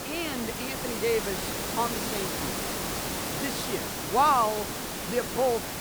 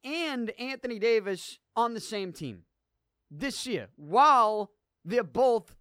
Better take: second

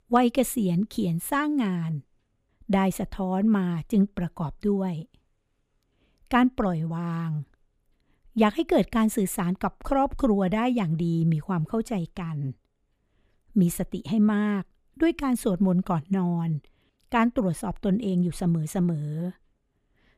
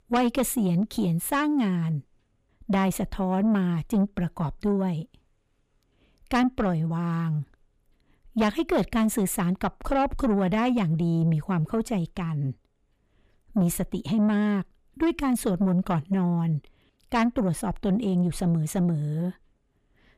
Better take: first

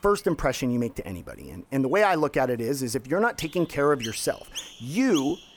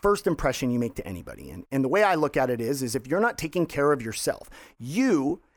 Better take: second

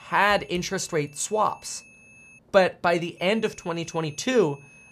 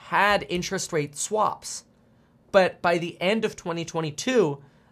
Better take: second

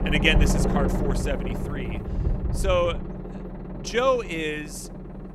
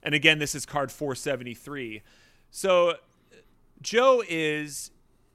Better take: second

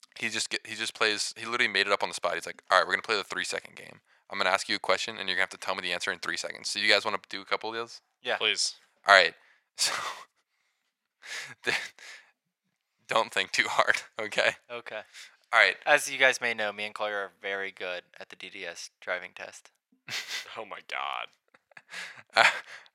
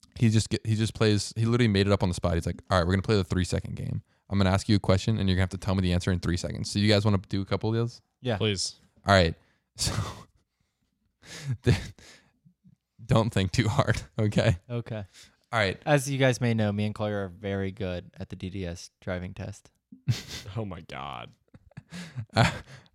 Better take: second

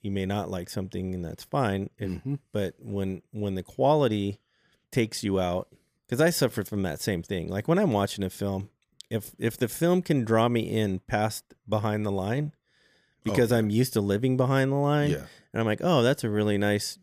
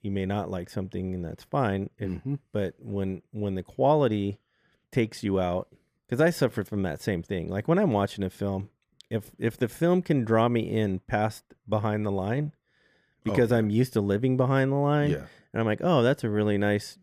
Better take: first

